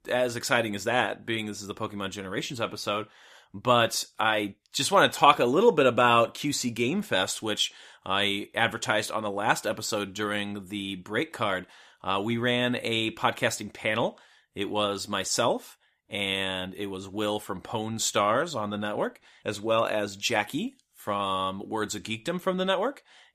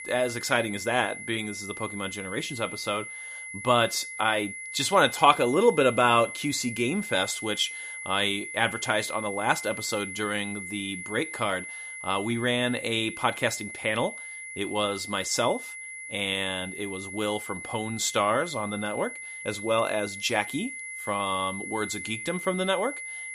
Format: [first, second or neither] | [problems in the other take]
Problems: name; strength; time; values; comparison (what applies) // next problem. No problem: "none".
first | high-pitched whine; loud; throughout; 2 kHz, 9 dB below the speech